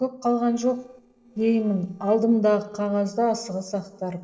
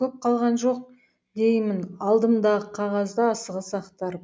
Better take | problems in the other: second | noise reduction (neural separator model SepFormer DNS4)

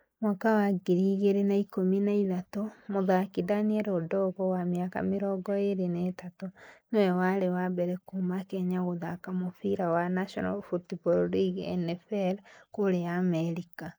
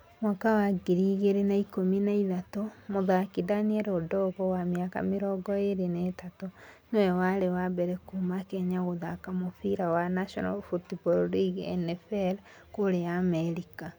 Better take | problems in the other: second | noise reduction (neural mask model Resemble Enhance denoiser)

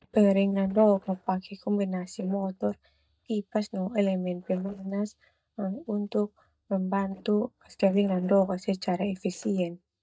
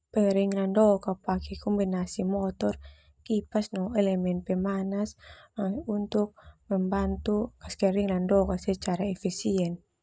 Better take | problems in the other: second | noise reduction (neural mask model DeepFilterNet 3)

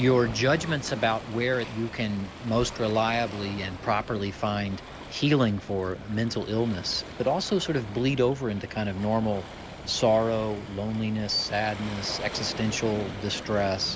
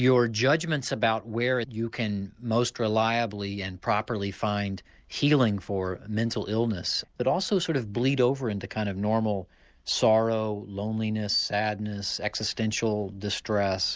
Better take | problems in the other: second | background sound (Waves, surf); 12 dB below the speech

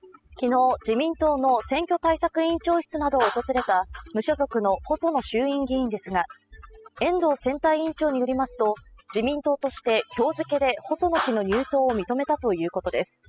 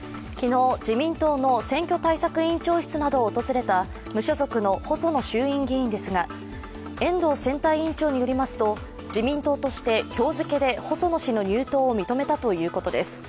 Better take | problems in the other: second | noise reduction (classical method spectral subtraction)

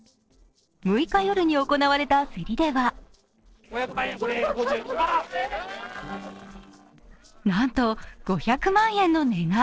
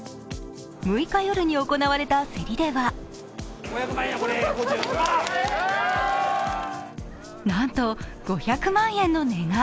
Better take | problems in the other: second | noise reduction (neural separator model SepFormer DNS4)

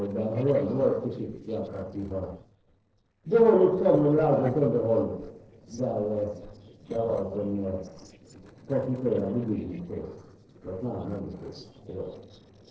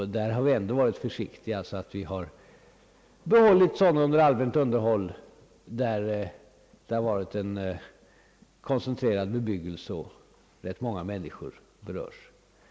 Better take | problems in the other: second | noise reduction (neural separator model SepFormer DNS4)

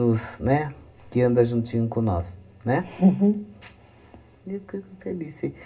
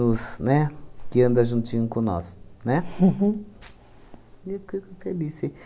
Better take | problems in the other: second | room echo; dies away in 0.2 s

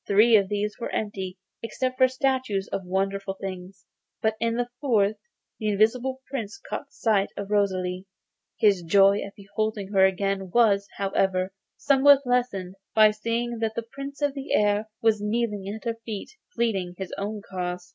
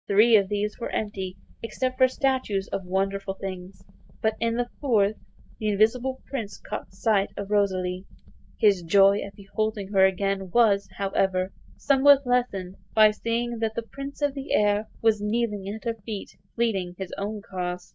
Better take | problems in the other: first | noise reduction (neural mask model DeepFilterNet 3)

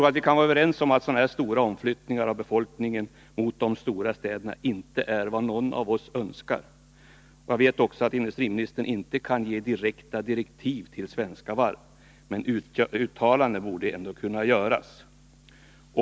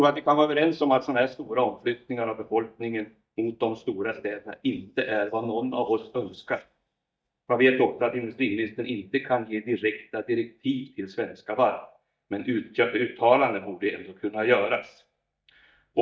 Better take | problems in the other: first | noise reduction (neural mask model DeepFilterNet 3)

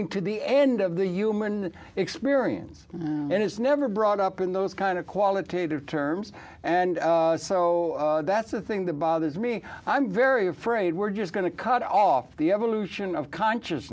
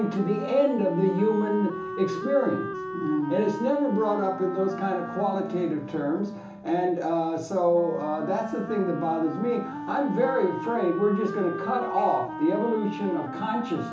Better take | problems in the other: first | background sound (Wind instrument, woodwind instrument); 9 dB below the speech // room echo; dies away in 0.8 s

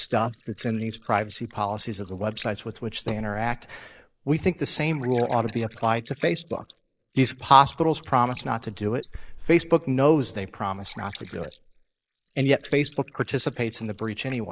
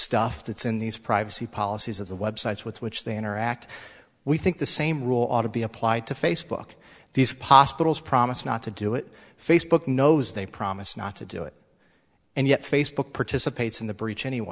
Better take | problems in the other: second | noise reduction (neural mask model Resemble Enhance denoiser)

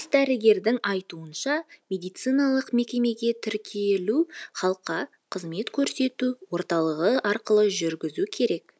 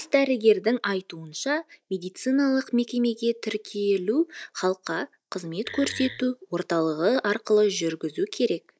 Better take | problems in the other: first | noise reduction (neural mask model DeepFilterNet 3)

